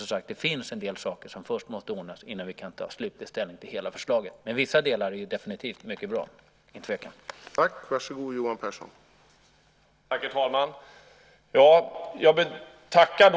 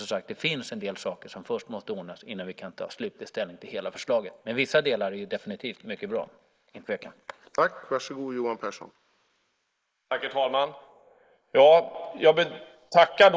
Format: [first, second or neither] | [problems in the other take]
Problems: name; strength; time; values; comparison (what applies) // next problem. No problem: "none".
first | noise reduction (neural mask model Resemble Enhance denoiser)